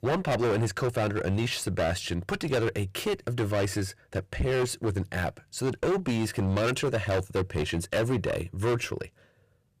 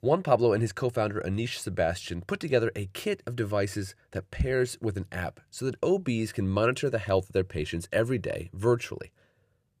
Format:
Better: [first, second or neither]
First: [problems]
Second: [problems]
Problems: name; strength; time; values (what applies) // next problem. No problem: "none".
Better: second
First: distortion; heavy; 19% of the sound clipped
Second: none